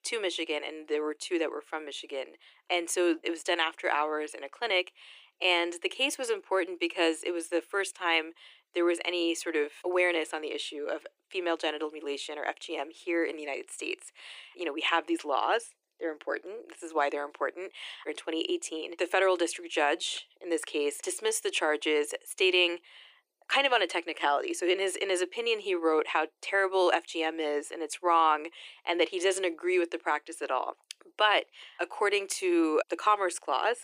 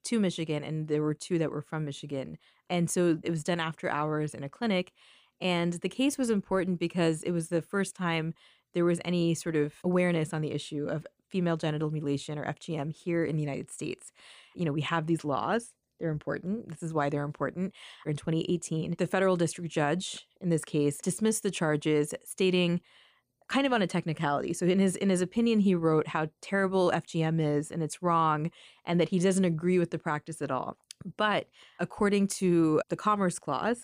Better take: second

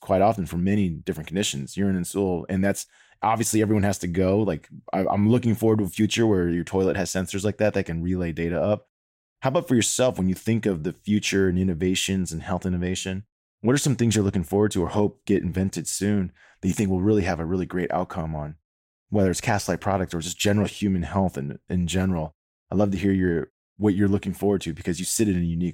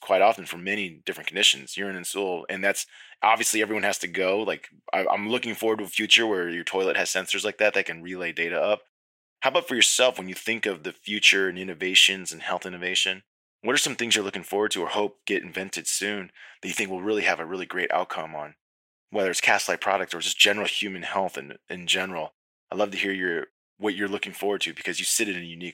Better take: first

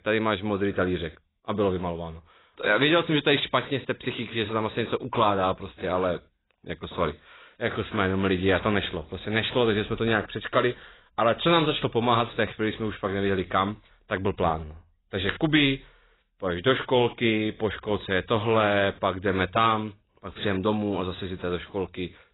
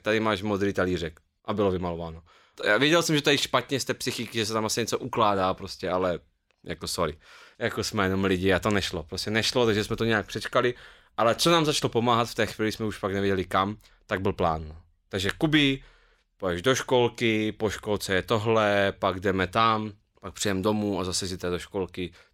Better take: second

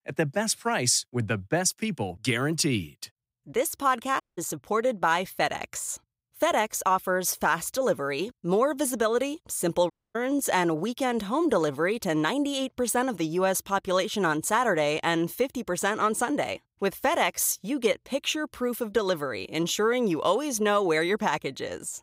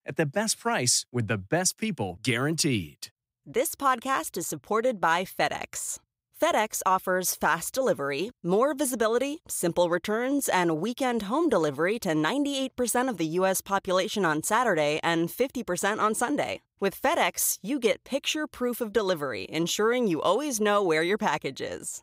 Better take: second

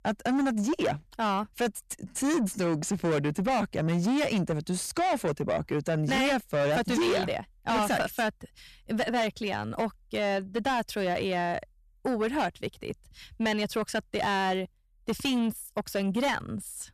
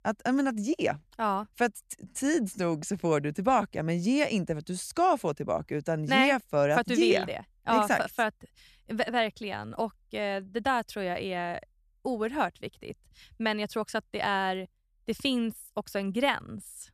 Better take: second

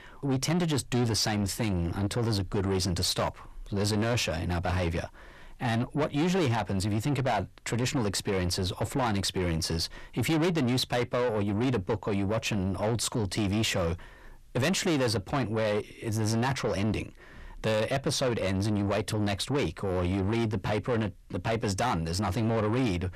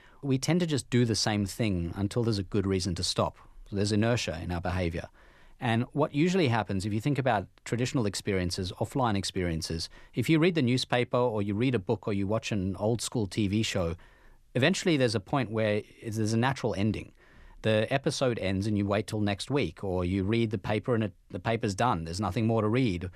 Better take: second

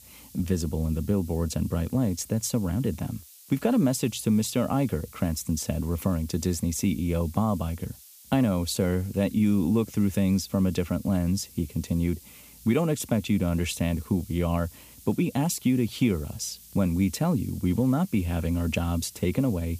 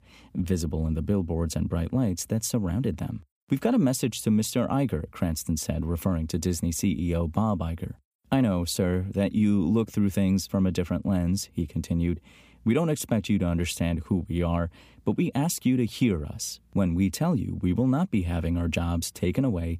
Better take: second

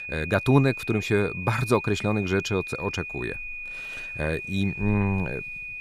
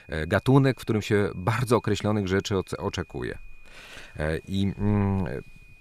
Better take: second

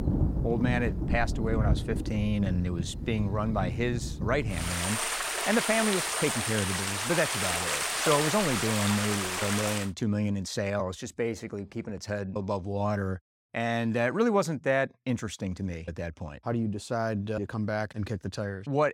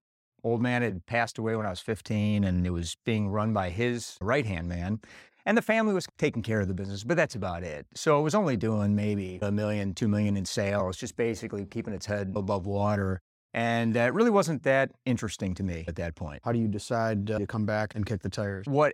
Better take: second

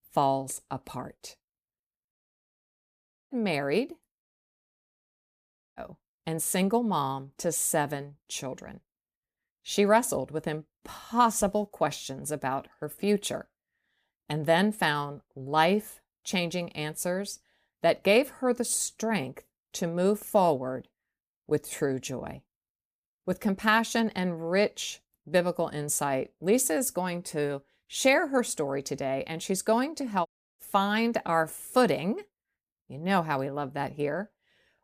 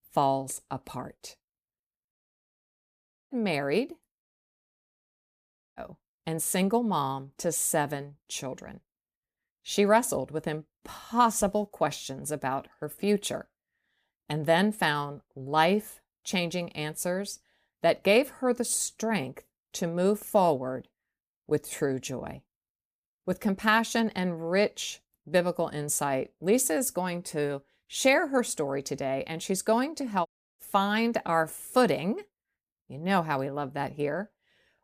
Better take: neither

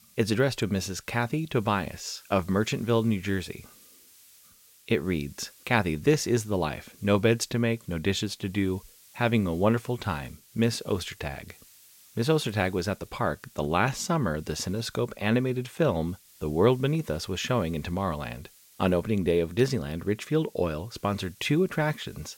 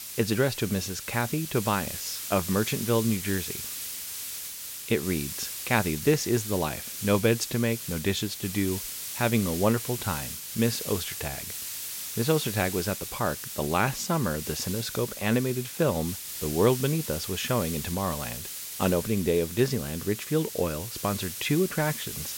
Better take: first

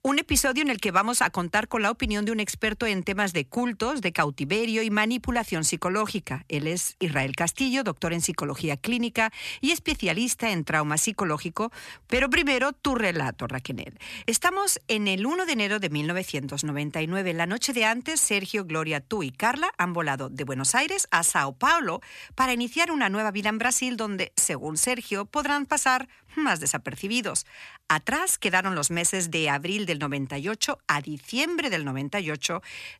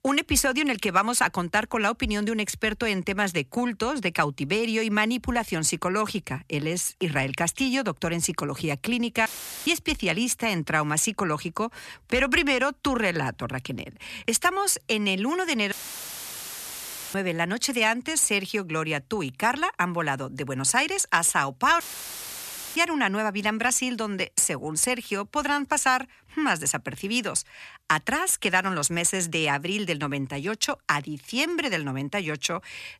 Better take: first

